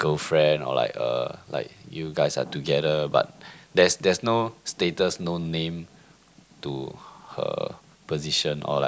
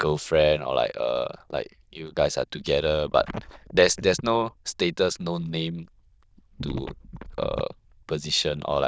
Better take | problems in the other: first | noise reduction (neural diffusion model UNIVERSE++)

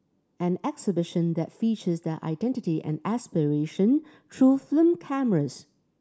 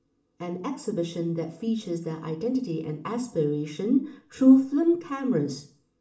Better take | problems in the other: first | room echo; dies away in 0.4 s

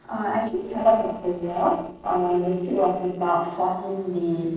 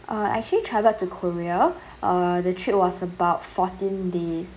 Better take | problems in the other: second | noise reduction (neural separator model SepFormer DNS4)

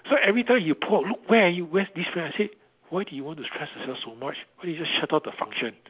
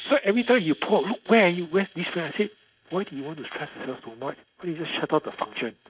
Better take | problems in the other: first | noise reduction (neural mask model RNNoise)

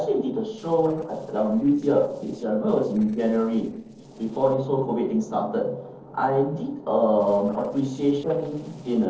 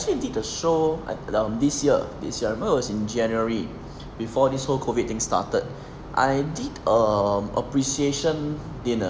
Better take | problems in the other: second | noise reduction (neural separator model SepFormer DNS4)

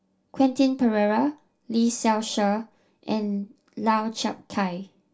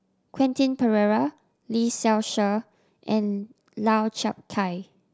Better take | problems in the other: second | room echo; dies away in 0.2 s

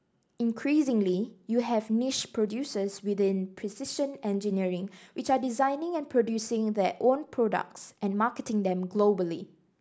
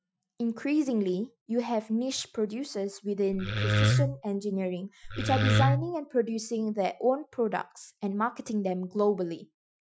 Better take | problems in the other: first | noise reduction (classical method Wiener filter)

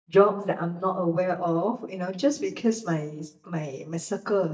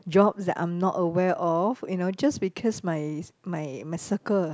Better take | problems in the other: second | noise reduction (neural mask model DeepFilterNet 3)

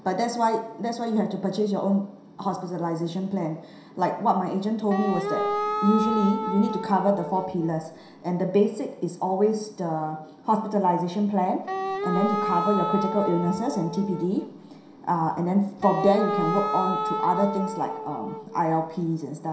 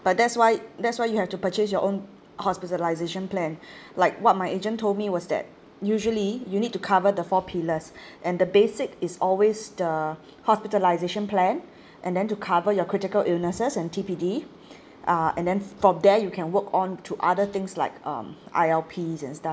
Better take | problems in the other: second | background sound (Wind instrument, woodwind instrument); 4 dB below the speech // room echo; dies away in 0.7 s

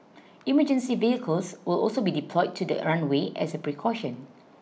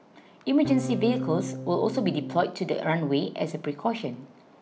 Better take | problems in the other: first | background sound (Electric guitar / Strum); 6 dB below the speech

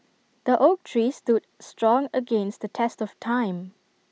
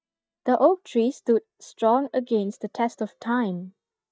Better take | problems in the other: first | noise reduction (neural mask model DeepFilterNet 3)

